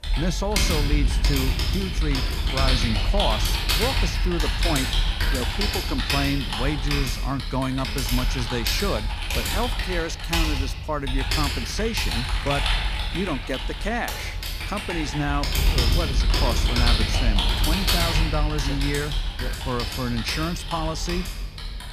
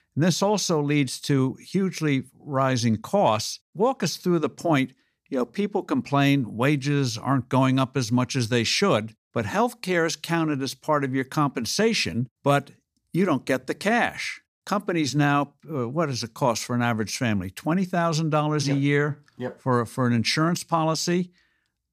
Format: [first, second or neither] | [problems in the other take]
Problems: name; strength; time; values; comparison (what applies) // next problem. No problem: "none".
second | household noises; very loud; throughout; 4 dB above the speech